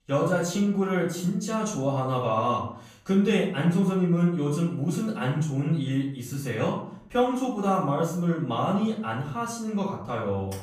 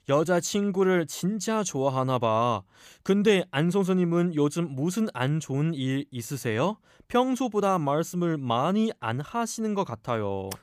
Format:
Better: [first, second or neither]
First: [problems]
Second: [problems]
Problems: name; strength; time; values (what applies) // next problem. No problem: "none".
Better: second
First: off-mic speech; far // room echo; noticeable; dies away in 0.5 s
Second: none